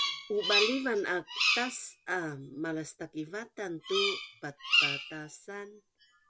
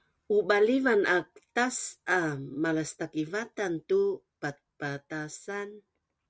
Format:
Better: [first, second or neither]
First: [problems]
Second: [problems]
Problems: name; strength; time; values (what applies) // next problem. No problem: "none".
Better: second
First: background sound (Bird vocalization, bird call, bird song); 1 dB above the speech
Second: none